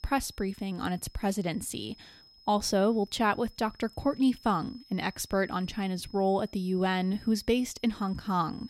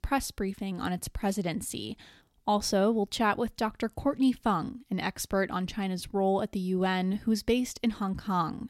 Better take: second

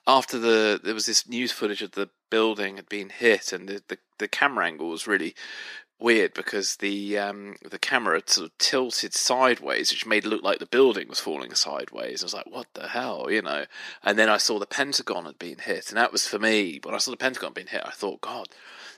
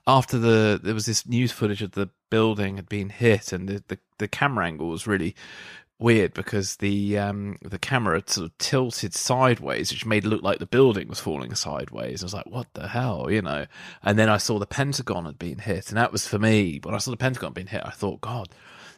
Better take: second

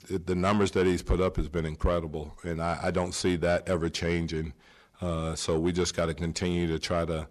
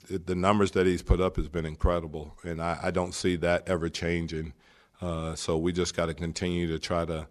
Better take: second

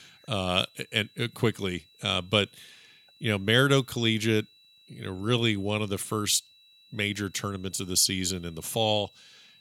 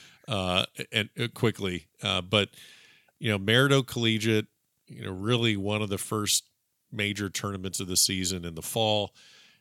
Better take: second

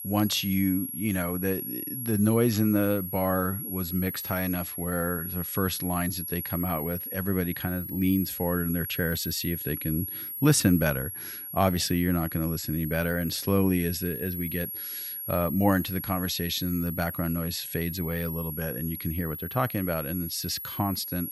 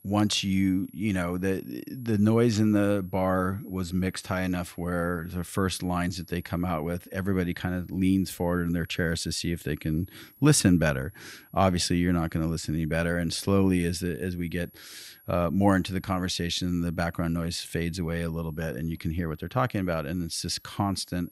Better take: second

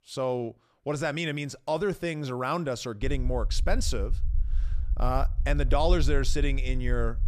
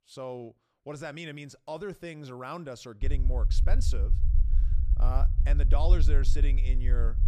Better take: first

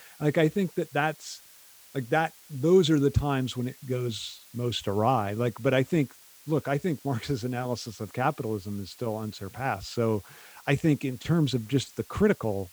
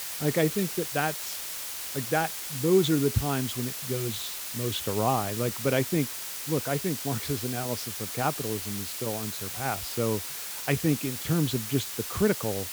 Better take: first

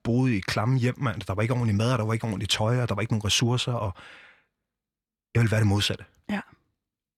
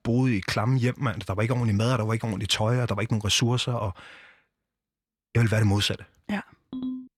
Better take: first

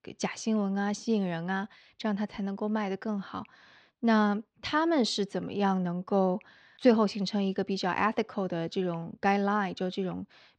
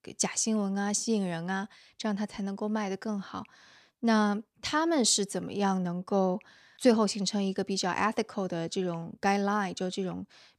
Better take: second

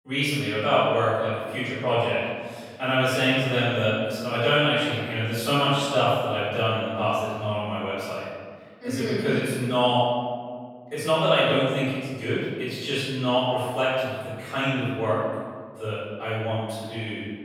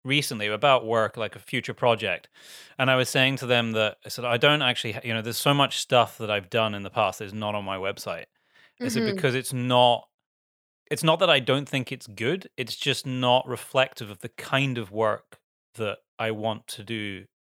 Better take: second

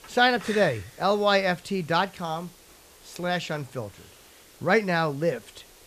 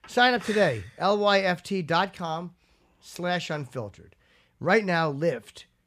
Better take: second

